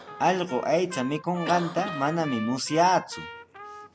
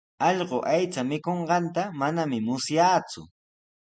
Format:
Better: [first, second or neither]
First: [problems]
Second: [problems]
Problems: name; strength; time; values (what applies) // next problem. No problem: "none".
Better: second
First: background sound (Trumpet + Cough); 12 dB below the speech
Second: none